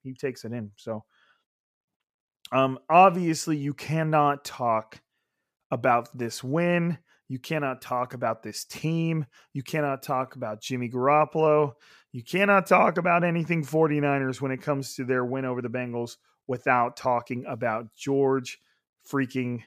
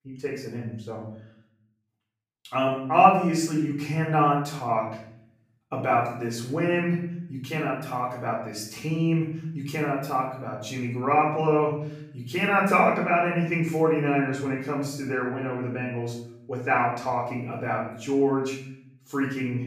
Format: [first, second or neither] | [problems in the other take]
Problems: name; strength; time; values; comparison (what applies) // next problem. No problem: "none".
first | room echo; noticeable; dies away in 0.7 s // off-mic speech; far